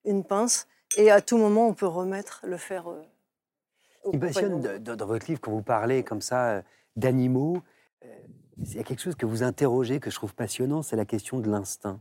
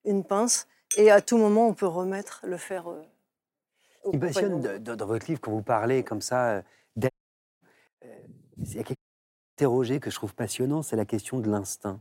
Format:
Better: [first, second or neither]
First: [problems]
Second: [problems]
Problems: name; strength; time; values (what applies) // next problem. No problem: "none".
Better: first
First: none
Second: audio cutting out; at 7 s for 0.5 s and at 9 s for 0.5 s